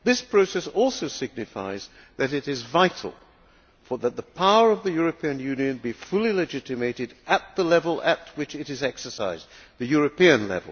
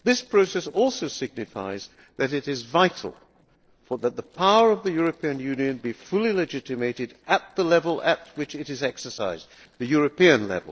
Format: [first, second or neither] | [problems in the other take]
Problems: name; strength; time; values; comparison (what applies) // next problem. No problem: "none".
first | noise reduction (neural separator model SepFormer DNS4)